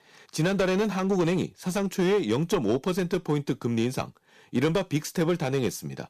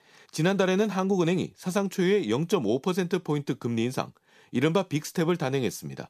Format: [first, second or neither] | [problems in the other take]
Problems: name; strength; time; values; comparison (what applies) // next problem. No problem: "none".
second | distortion; slight; 6% of the sound clipped